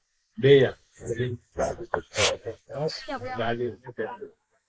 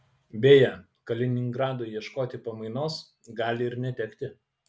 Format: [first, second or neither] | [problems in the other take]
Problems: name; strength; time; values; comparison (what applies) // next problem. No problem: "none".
second | noise reduction (neural mask model Resemble Enhance denoiser)